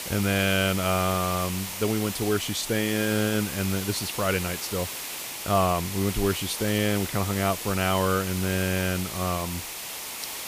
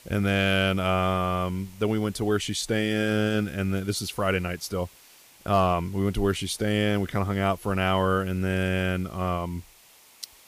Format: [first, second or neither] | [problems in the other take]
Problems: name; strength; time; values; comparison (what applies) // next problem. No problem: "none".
second | hiss; loud; throughout; 6 dB below the speech; faint in the second